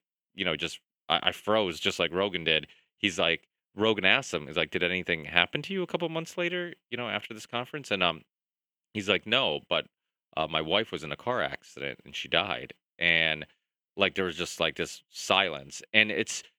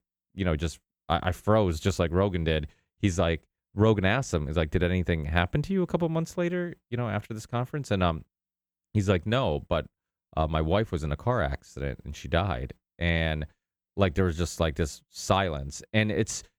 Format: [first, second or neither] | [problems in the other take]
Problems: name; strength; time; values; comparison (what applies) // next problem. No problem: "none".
second | thin; somewhat; fading below 250 Hz